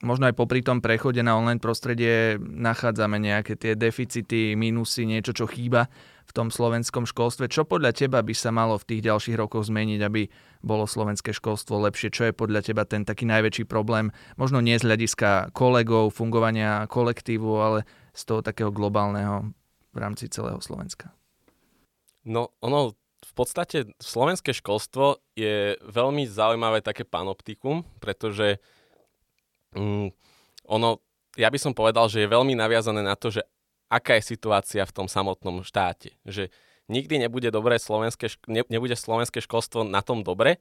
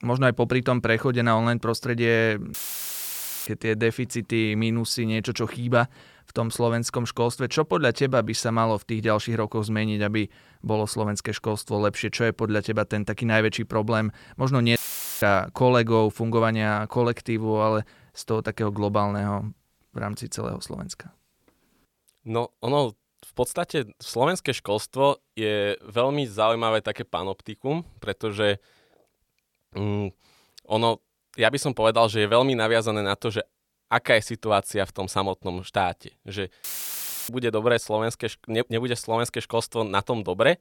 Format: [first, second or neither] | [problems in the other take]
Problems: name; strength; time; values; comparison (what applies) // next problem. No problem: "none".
first | audio cutting out; filled with static; at 2.5 s for 1 s, at 15 s and at 37 s for 0.5 s